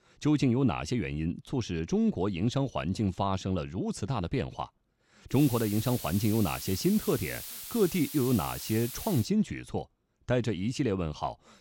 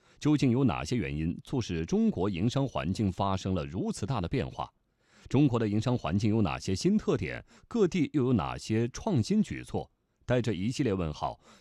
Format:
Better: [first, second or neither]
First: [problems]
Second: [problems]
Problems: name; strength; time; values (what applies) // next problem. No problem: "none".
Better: second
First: hiss; loud; from 5.5 to 9 s; 9 dB below the speech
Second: none